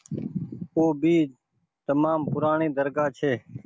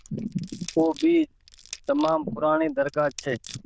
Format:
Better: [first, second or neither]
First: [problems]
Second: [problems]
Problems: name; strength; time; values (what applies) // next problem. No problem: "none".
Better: first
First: none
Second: noise reduction (neural diffusion model UNIVERSE++)